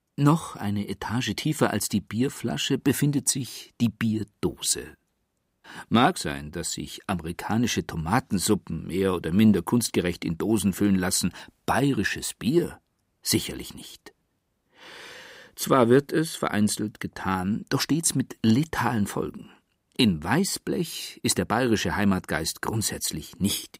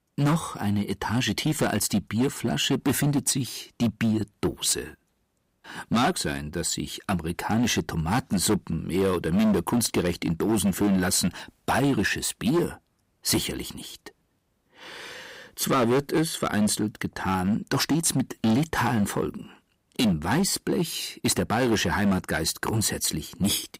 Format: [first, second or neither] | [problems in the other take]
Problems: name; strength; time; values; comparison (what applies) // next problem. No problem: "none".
first | distortion; heavy; 10% of the sound clipped